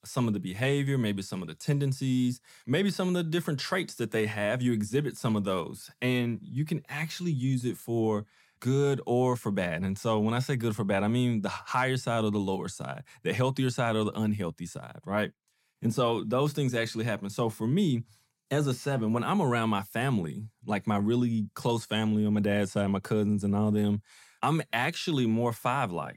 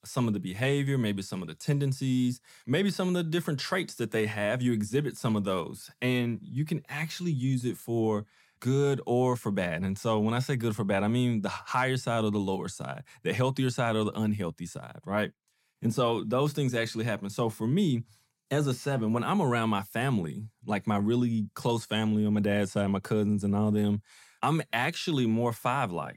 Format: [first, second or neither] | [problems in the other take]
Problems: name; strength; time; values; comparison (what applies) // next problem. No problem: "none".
neither | none